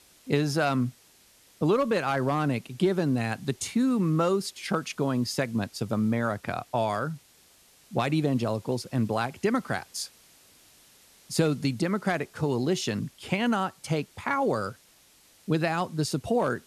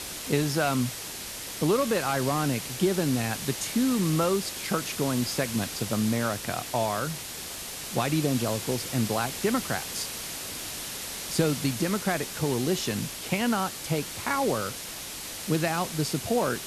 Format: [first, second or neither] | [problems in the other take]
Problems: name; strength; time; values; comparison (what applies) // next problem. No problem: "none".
first | hiss; loud; throughout; 6 dB below the speech; faint in the first